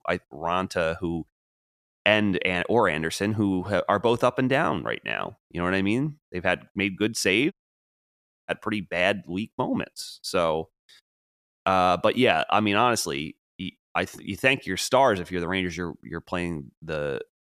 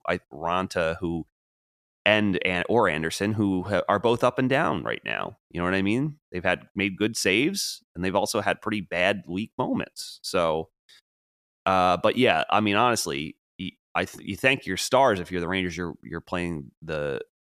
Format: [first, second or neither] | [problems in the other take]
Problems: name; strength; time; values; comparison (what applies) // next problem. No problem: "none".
second | audio cutting out; at 7.5 s for 1 s